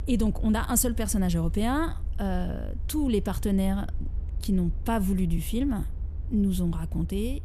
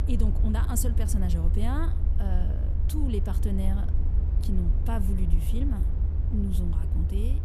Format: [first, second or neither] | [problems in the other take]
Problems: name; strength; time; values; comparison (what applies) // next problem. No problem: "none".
first | low rumble; loud; throughout; 6 dB below the speech; faint in the first